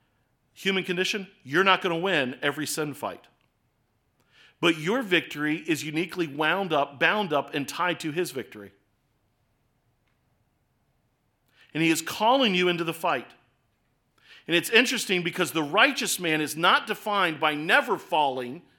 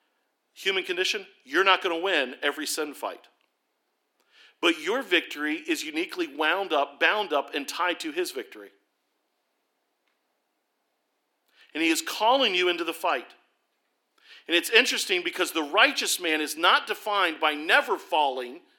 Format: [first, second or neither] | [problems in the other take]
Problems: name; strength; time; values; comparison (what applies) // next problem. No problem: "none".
first | thin; somewhat; fading below 300 Hz